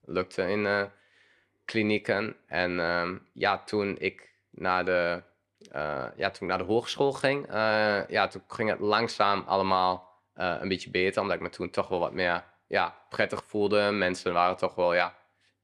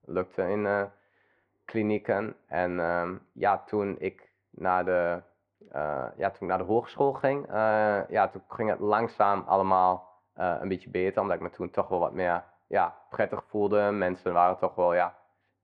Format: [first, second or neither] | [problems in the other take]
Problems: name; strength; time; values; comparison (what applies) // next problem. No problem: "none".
first | muffled; very; fading above 3 kHz